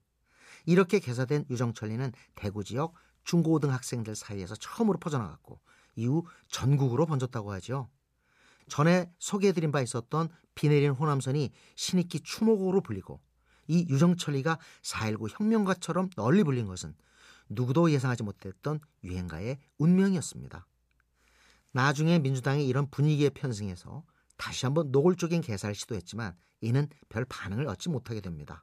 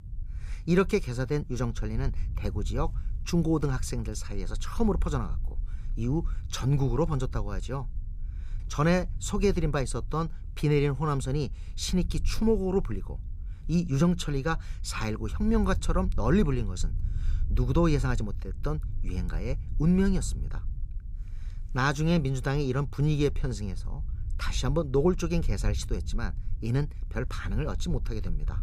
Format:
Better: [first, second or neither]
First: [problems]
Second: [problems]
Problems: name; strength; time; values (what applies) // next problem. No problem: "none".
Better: first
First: none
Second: low rumble; faint; throughout; 25 dB below the speech